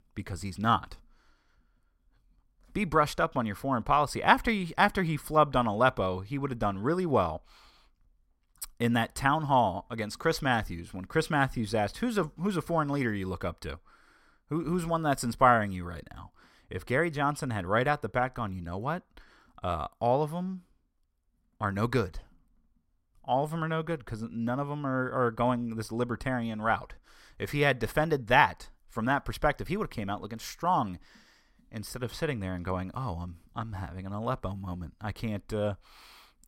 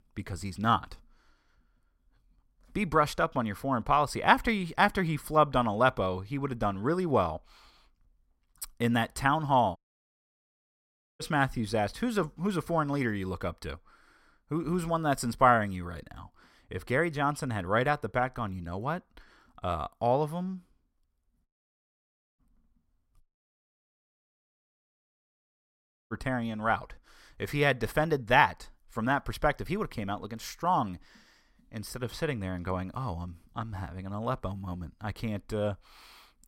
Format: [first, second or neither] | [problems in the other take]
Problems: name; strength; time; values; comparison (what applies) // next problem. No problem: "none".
first | audio cutting out; at 10 s for 1.5 s, at 21 s for 1 s and at 23 s for 3 s